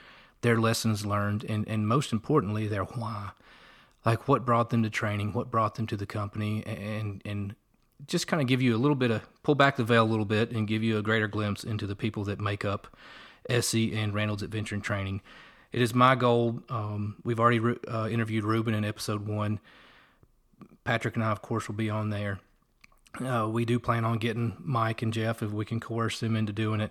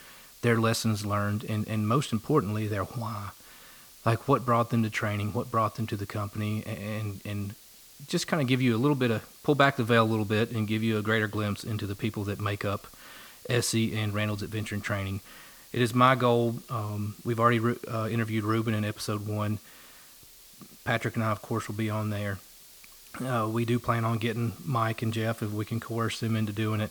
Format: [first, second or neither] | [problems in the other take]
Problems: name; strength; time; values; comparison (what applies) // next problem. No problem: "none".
first | hiss; faint; throughout; 20 dB below the speech